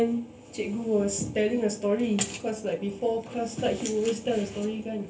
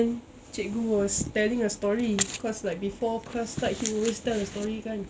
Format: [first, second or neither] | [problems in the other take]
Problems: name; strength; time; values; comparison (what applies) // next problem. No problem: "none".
second | room echo; dies away in 0.3 s